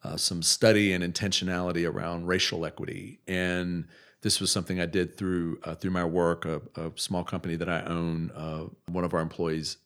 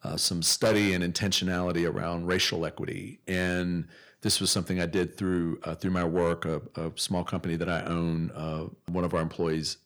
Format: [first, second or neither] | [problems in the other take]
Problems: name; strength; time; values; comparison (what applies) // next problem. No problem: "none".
first | distortion; slight; 10 dB below the speech